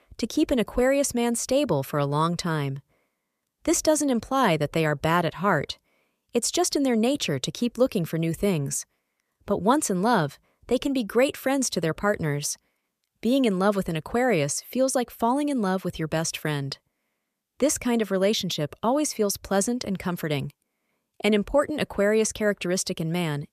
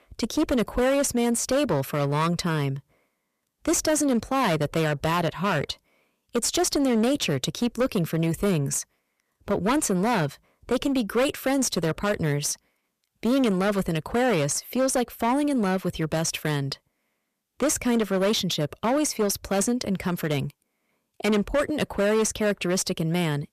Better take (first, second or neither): first